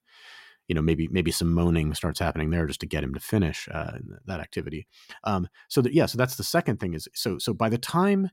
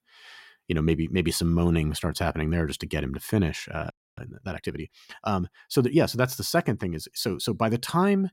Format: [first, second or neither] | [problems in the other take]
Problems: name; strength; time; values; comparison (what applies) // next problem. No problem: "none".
first | audio freezing; at 4 s